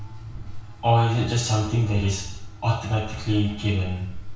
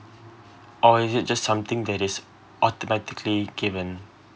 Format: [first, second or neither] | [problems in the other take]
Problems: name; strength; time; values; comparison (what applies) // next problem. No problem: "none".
second | background sound (Meow); 13 dB below the speech // room echo; dies away in 0.6 s